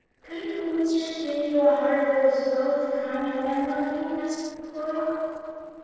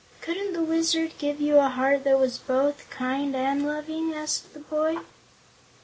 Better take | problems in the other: second | noise reduction (neural separator model SepFormer DNS4)

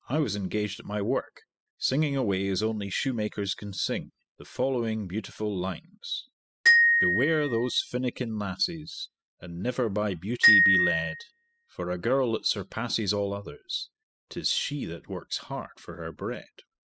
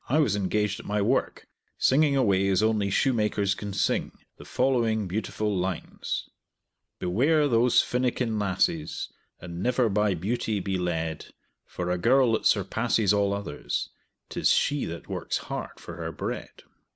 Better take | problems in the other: second | noise reduction (classical method spectral subtraction)

